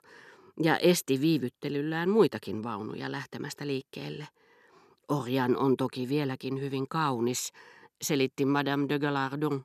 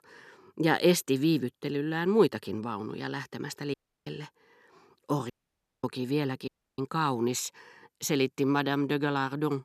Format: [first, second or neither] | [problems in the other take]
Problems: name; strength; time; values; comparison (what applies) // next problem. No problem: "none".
first | audio cutting out; at 3.5 s, at 5.5 s for 0.5 s and at 6.5 s